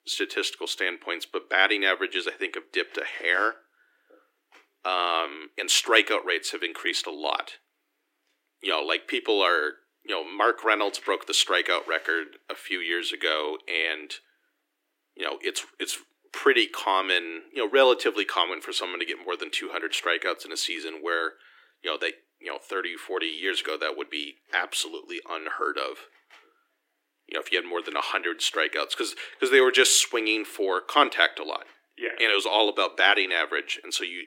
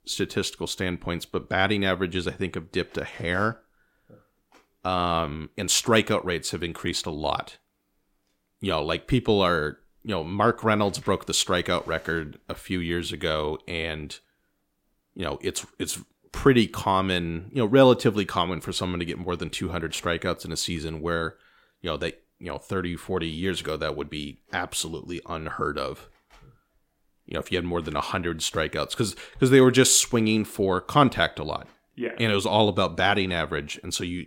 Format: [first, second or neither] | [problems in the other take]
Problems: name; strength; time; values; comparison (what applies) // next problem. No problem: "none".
second | thin; very; fading below 300 Hz